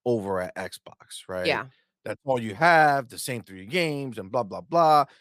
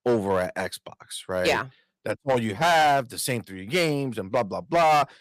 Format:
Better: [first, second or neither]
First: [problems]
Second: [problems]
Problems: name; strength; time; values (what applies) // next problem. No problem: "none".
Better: first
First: none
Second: distortion; heavy; 7% of the sound clipped